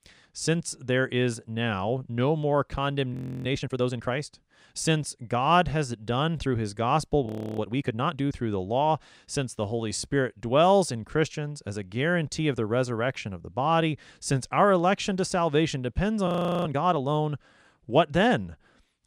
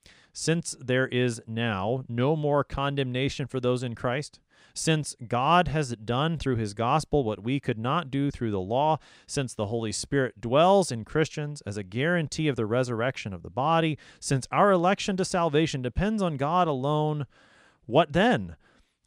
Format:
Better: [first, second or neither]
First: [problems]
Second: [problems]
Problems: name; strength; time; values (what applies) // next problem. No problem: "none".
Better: second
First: audio freezing; at 3 s, at 7.5 s and at 16 s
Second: none